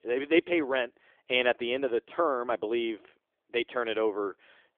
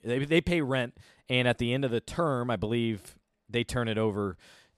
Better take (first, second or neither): second